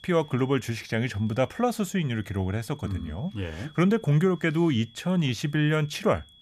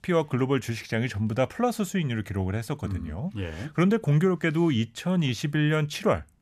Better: second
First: high-pitched whine; faint; throughout; 3.5 kHz, 25 dB below the speech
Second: none

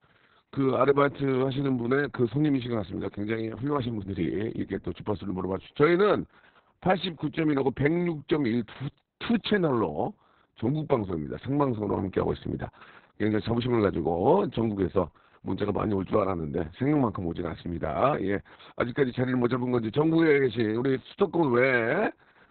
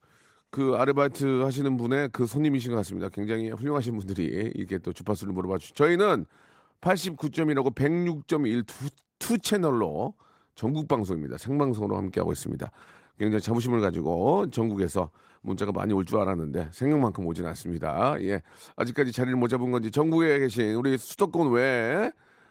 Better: second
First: garbled, watery; badly; nothing above 4 kHz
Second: garbled, watery; slightly; nothing above 16 kHz

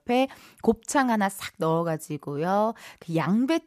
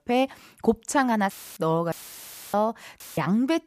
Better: first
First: none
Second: audio cutting out; filled with static; at 1.5 s, at 2 s for 0.5 s and at 3 s

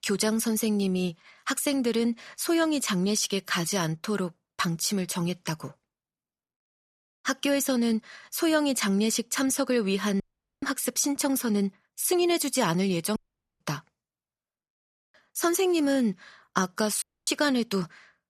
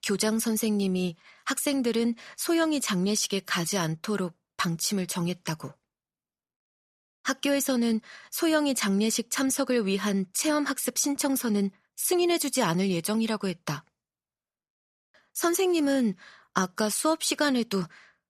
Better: second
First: audio cutting out; at 10 s, at 13 s and at 17 s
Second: none

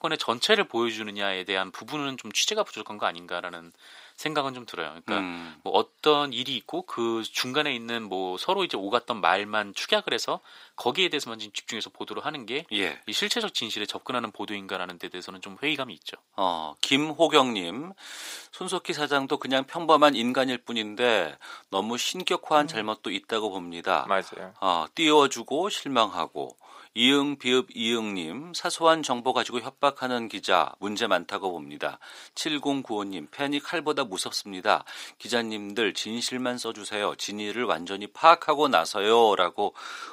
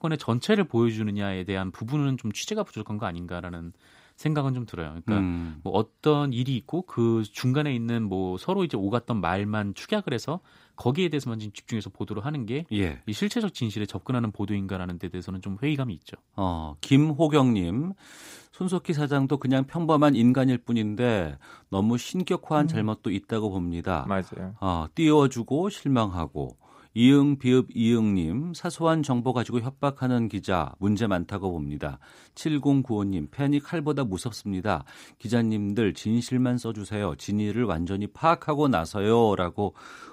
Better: second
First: thin; somewhat; fading below 550 Hz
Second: none

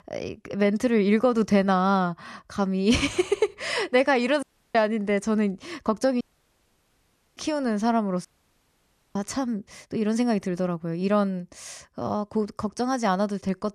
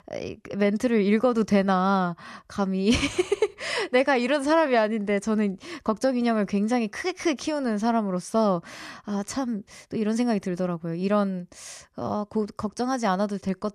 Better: second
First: audio cutting out; at 4.5 s, at 6 s for 1 s and at 8.5 s for 1 s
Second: none

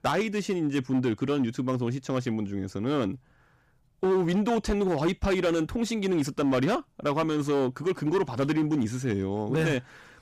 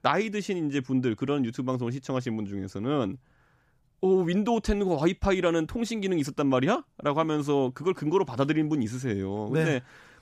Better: second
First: distortion; slight; 9% of the sound clipped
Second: none

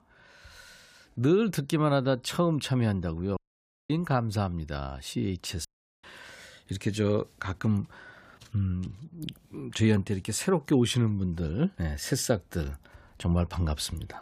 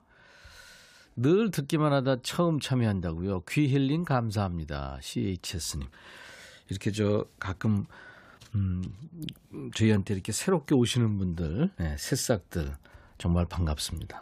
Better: second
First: audio cutting out; at 3.5 s for 0.5 s and at 5.5 s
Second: none

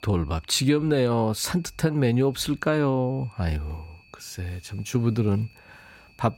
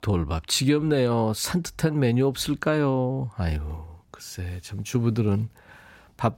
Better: second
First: high-pitched whine; faint; throughout; 2.5 kHz, 30 dB below the speech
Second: none

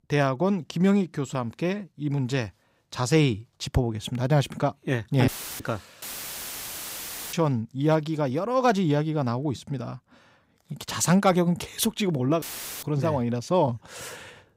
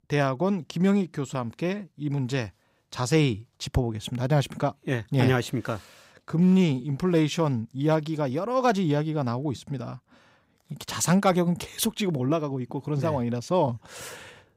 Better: second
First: audio cutting out; filled with static; at 5.5 s, at 6 s for 1.5 s and at 12 s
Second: none

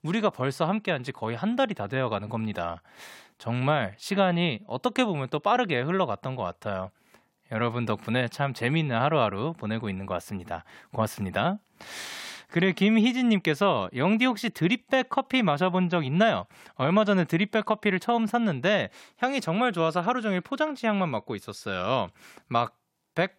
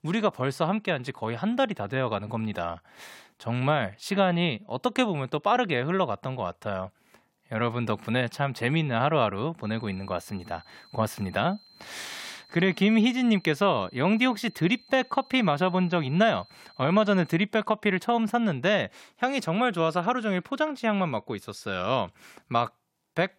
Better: first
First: none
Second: high-pitched whine; faint; from 9.5 to 17 s; 4 kHz, 25 dB below the speech

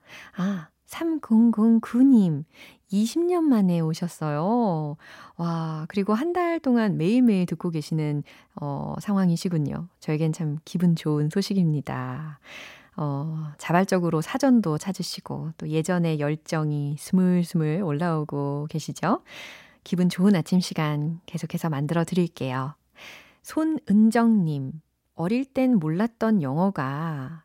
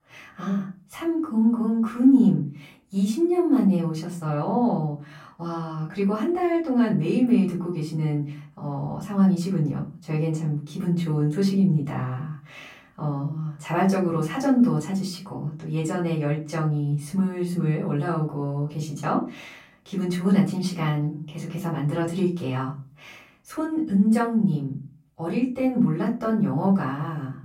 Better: first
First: none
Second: off-mic speech; far // room echo; slight; dies away in 0.3 s

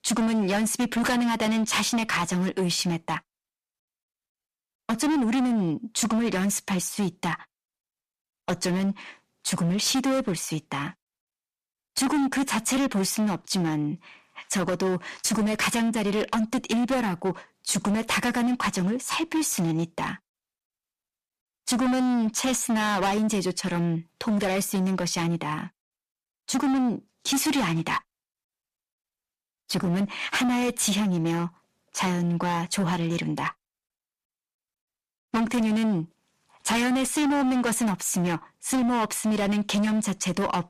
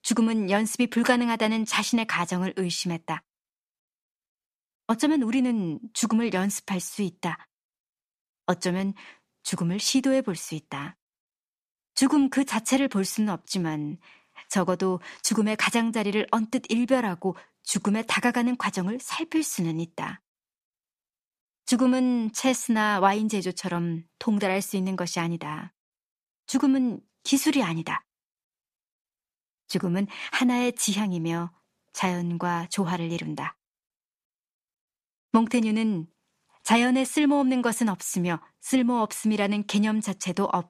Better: second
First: distortion; heavy; 19% of the sound clipped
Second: none

